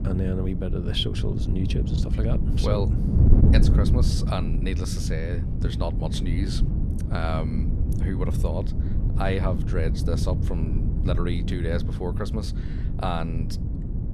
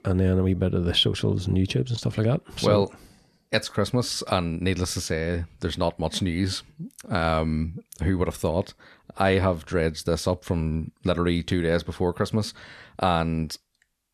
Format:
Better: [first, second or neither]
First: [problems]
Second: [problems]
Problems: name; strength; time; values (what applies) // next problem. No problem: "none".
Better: second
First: wind noise on the microphone; heavy; 5 dB below the speech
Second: none